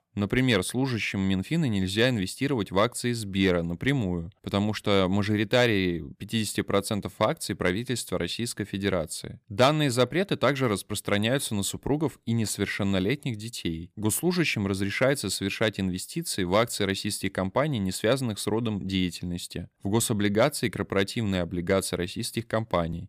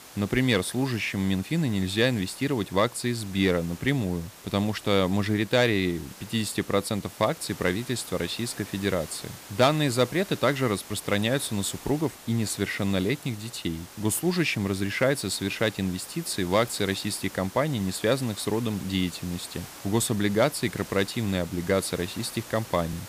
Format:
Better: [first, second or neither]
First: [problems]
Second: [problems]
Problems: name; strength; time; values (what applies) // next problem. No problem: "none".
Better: first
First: none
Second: hiss; noticeable; throughout; 15 dB below the speech